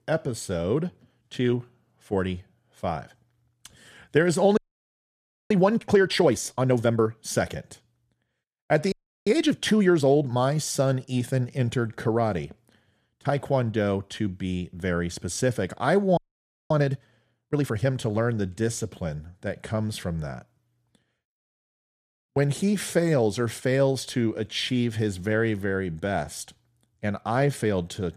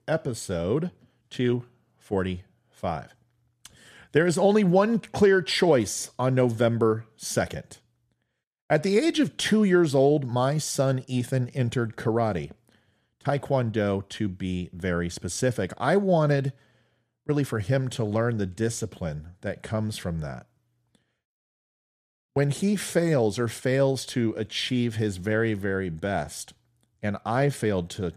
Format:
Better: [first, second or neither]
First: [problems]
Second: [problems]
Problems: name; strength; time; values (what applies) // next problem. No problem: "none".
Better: second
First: audio freezing; at 4.5 s for 1 s, at 9 s and at 16 s for 0.5 s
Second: none